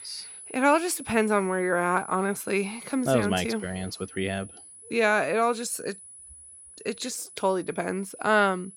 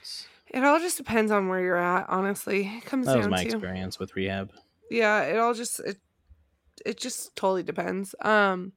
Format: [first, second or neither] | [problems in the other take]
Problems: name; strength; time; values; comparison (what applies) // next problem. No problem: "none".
second | high-pitched whine; noticeable; throughout; 10 kHz, 15 dB below the speech